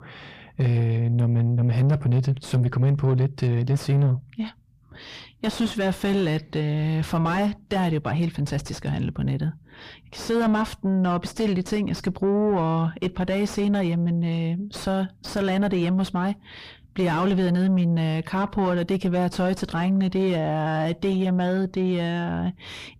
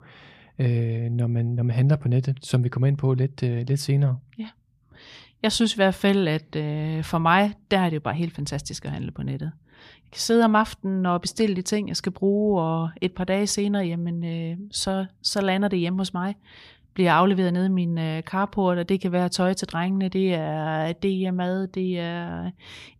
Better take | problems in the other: second | distortion; heavy; 7 dB below the speech

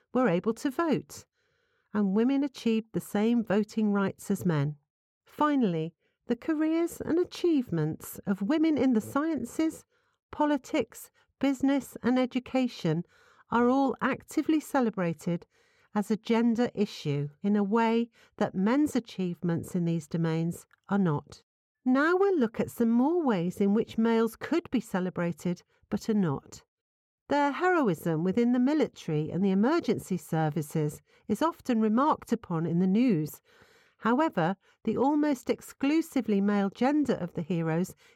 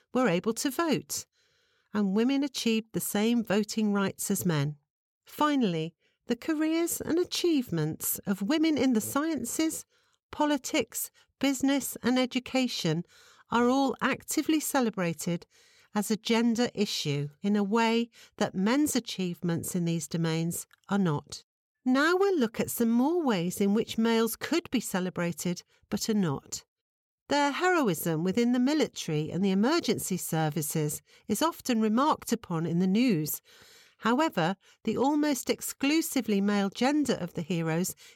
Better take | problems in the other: second | muffled; slightly; fading above 2.5 kHz

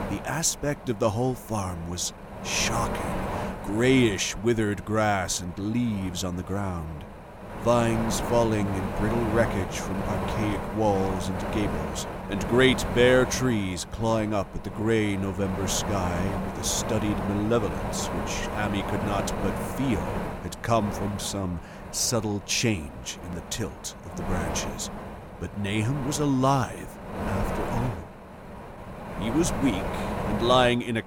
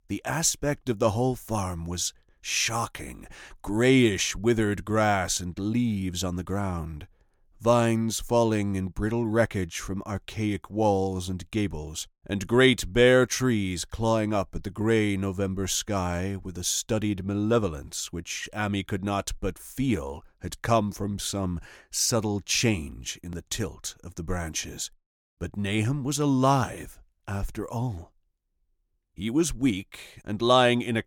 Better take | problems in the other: second | wind noise on the microphone; heavy; 6 dB below the speech

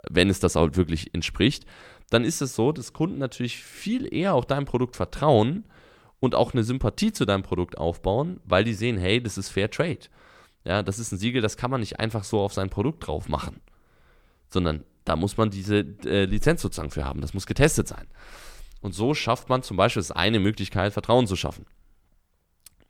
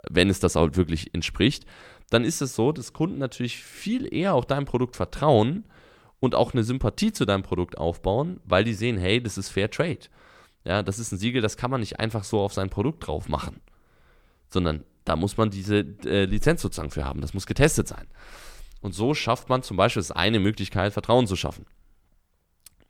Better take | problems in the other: neither | none

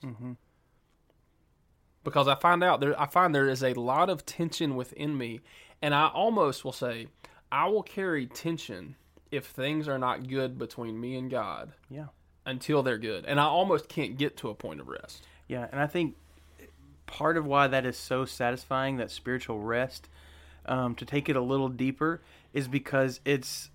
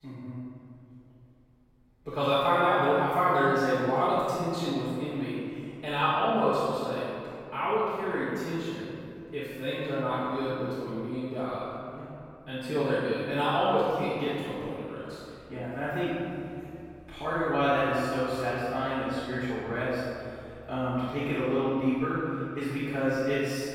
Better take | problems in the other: first | room echo; strong; dies away in 2.4 s // off-mic speech; far

